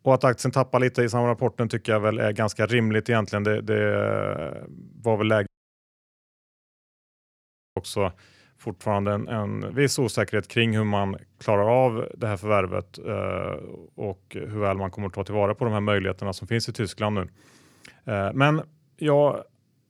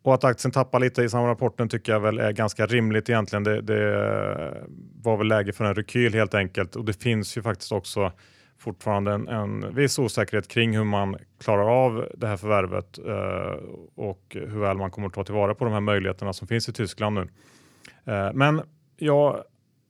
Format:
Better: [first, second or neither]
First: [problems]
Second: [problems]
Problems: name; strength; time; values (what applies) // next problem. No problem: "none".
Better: second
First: audio cutting out; at 5.5 s for 2.5 s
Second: none